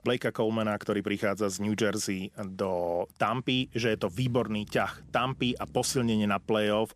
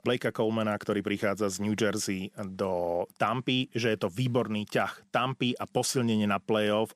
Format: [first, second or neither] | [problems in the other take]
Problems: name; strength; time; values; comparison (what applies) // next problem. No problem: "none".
second | traffic noise; faint; throughout; 25 dB below the speech